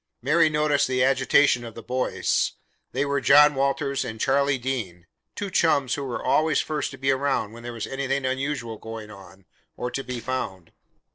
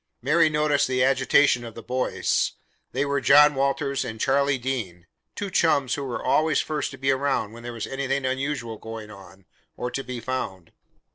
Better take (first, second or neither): second